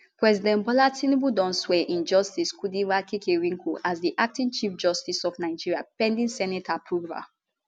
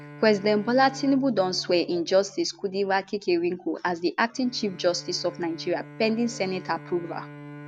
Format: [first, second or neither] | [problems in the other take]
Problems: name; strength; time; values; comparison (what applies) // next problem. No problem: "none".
first | background sound (Bowed string instrument); 18 dB below the speech